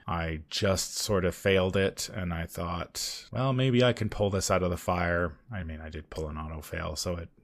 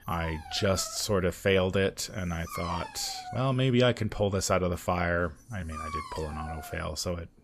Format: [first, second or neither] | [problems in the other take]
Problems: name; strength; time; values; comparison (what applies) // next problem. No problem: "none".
first | dog barking; noticeable; until 7 s; peak 7 dB below the speech